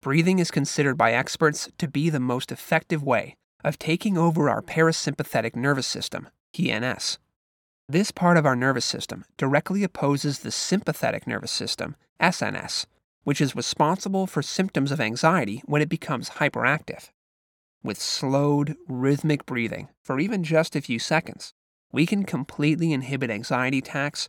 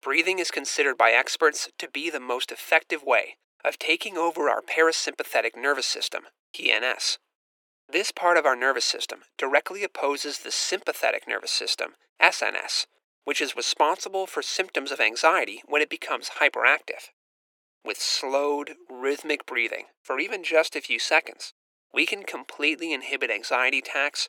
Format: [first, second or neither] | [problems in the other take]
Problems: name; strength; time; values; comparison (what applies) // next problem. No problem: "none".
first | thin; very; fading below 350 Hz